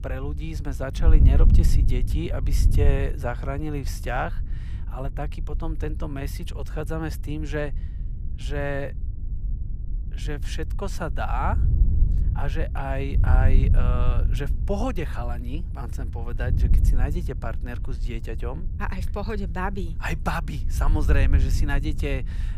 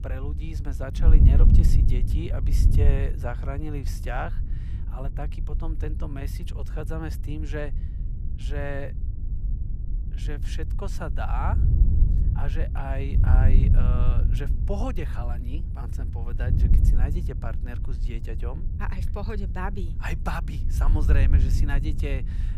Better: first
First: wind noise on the microphone; occasional gusts; 10 dB below the speech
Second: wind noise on the microphone; heavy; 6 dB below the speech

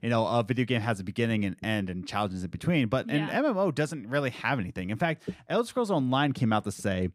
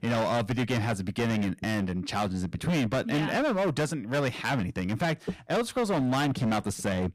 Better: first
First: none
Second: distortion; heavy; 21% of the sound clipped

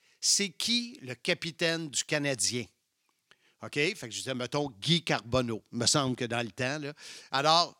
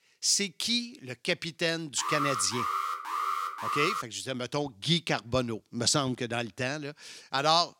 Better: first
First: none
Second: alarm; noticeable; from 2 to 4 s; peak 1 dB below the speech

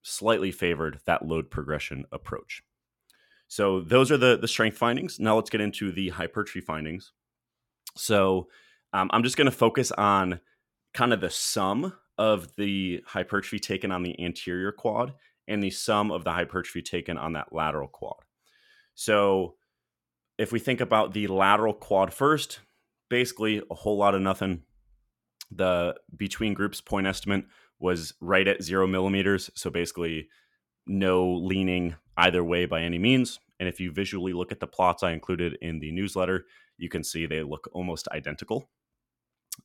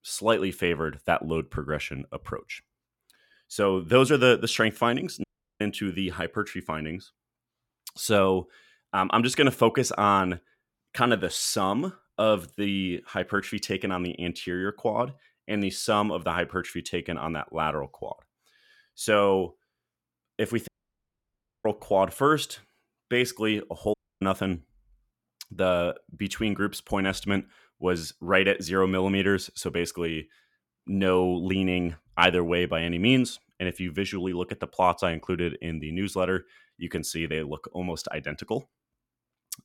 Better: first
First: none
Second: audio cutting out; at 5 s, at 21 s for 1 s and at 24 s

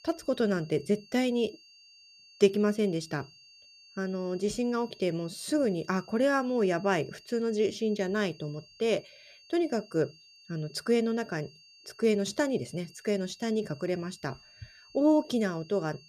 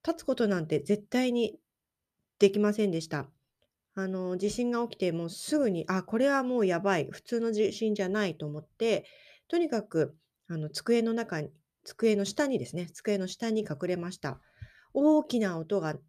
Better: second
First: high-pitched whine; faint; throughout; 4.5 kHz, 25 dB below the speech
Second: none

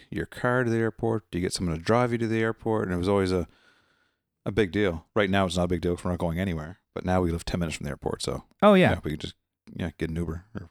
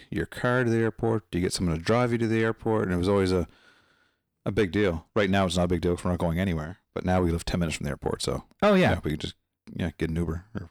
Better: first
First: none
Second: distortion; slight; 10 dB below the speech

